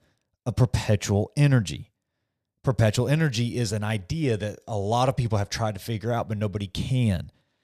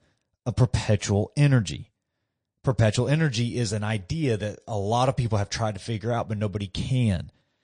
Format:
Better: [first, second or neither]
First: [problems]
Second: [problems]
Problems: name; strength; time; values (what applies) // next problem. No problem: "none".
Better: first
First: none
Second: garbled, watery; slightly; nothing above 9 kHz